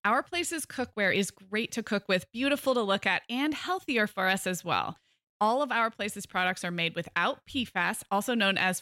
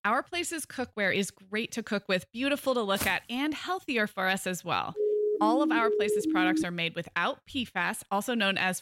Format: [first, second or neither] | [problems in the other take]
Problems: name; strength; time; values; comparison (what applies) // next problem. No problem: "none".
first | footsteps; noticeable; at 3 s; peak 6 dB below the speech // siren; loud; from 5 to 6.5 s; peak 2 dB above the speech